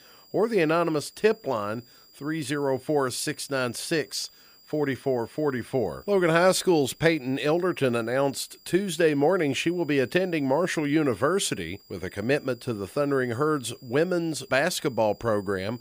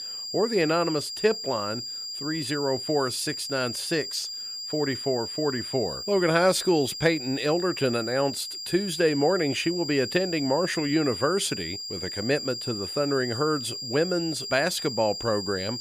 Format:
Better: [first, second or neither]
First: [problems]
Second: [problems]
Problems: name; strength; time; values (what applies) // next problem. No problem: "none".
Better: first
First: high-pitched whine; faint; throughout; 5 kHz, 30 dB below the speech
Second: high-pitched whine; loud; throughout; 5 kHz, 6 dB below the speech